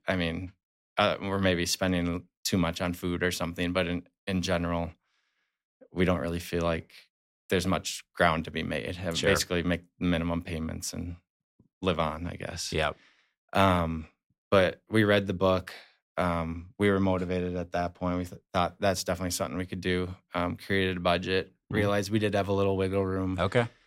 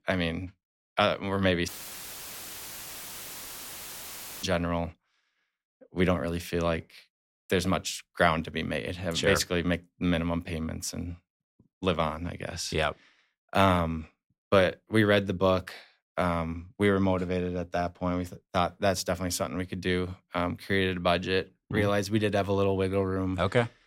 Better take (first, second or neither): first